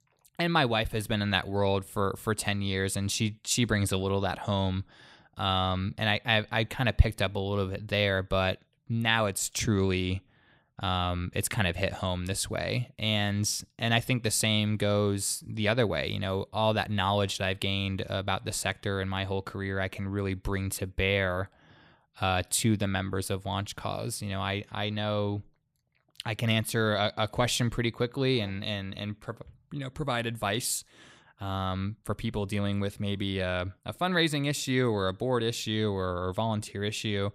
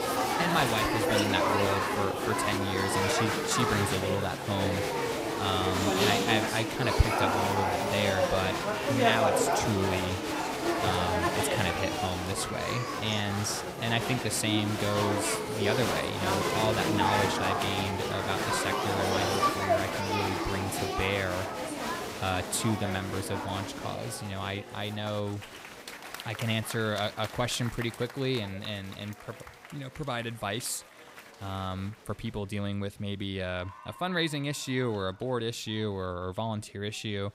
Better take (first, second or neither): first